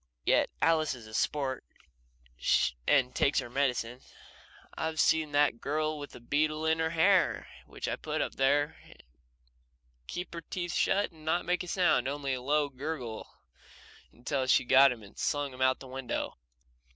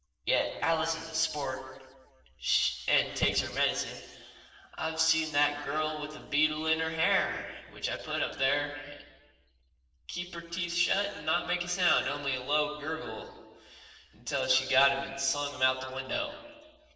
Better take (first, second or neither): first